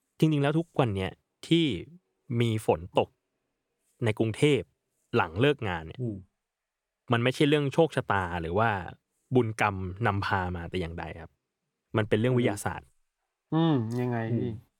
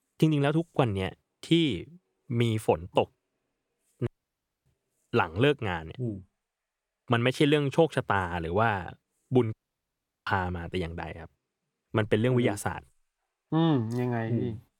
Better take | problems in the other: first | audio cutting out; at 4 s for 0.5 s and at 9.5 s for 0.5 s

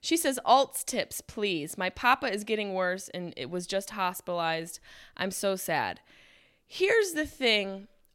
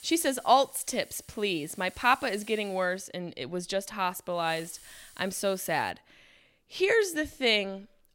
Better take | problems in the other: first | hiss; faint; until 6 s; 20 dB below the speech

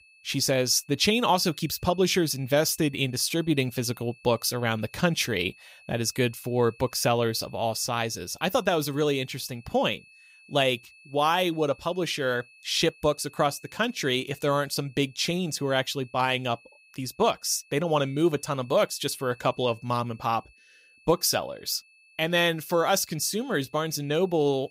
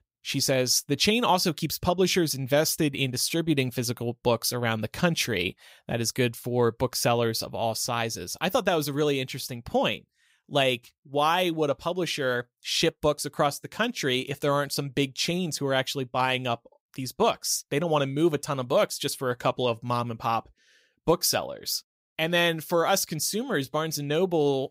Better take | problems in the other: second | high-pitched whine; faint; throughout; 2.5 kHz, 25 dB below the speech

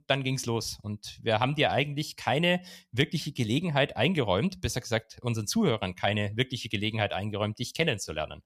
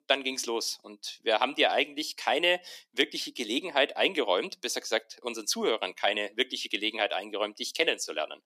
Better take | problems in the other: first | thin; somewhat; fading below 300 Hz

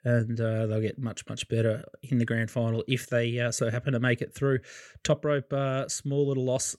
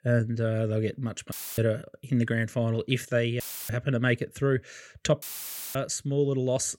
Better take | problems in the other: first | audio cutting out; filled with static; at 1.5 s, at 3.5 s and at 5 s for 0.5 s

